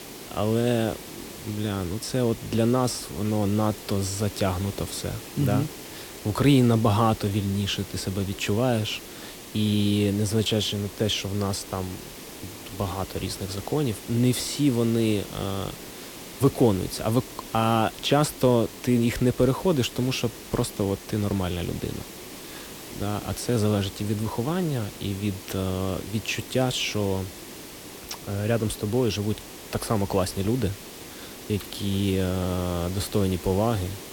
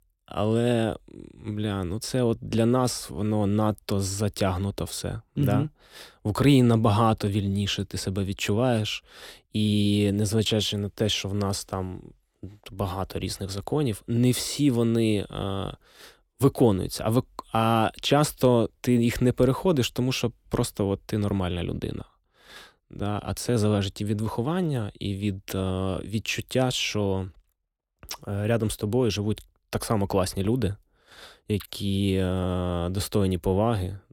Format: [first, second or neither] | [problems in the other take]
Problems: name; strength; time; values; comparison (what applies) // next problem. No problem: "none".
second | hiss; noticeable; throughout; 15 dB below the speech